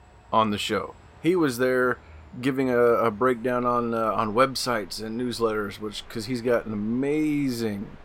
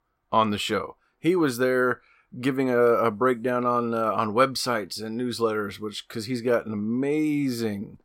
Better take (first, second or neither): second